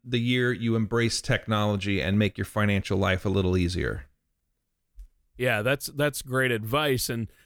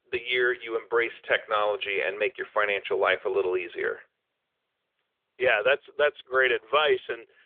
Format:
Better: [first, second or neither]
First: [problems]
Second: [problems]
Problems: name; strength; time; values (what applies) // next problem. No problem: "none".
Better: first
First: none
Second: phone-call audio; nothing above 3.5 kHz